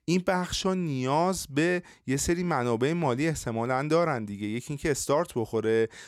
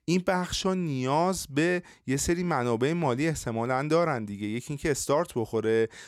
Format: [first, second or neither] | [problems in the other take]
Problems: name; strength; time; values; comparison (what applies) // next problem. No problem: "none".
neither | none